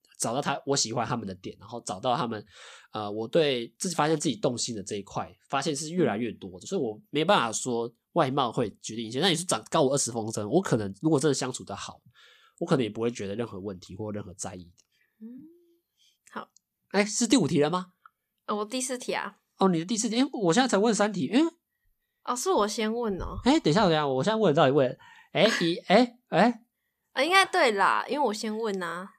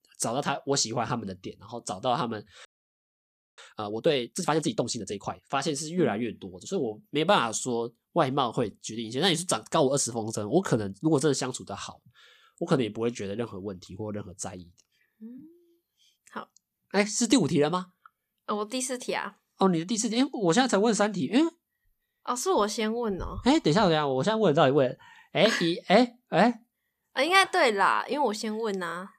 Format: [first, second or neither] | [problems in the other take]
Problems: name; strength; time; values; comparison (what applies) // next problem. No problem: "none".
first | audio freezing; at 2.5 s for 1 s